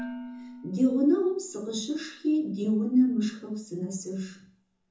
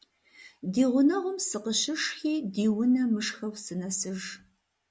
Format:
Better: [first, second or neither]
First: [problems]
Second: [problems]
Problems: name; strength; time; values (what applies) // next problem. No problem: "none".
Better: second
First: background sound (Dishes, pots, and pans); 18 dB below the speech // room echo; dies away in 0.6 s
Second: none